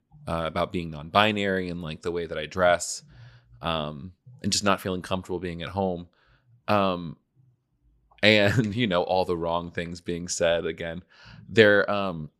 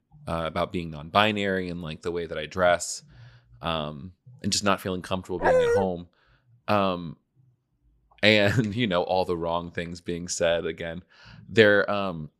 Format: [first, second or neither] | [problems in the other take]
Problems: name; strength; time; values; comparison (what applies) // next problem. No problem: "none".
first | dog barking; loud; at 5.5 s; peak 5 dB above the speech